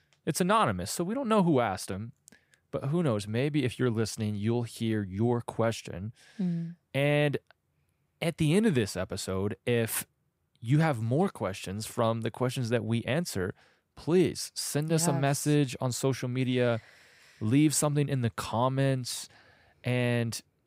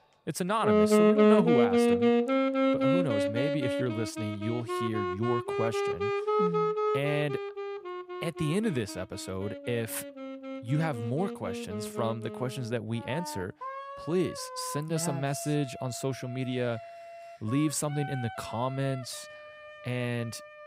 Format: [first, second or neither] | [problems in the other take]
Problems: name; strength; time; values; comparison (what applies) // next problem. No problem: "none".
first | background music; very loud; throughout; 4 dB above the speech